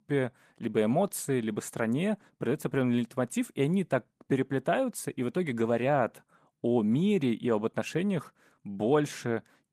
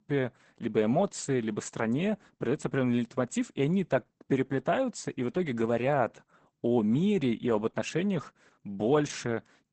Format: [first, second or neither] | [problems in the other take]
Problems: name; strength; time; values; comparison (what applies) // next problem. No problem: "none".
first | garbled, watery; badly; nothing above 8 kHz; slightly in the first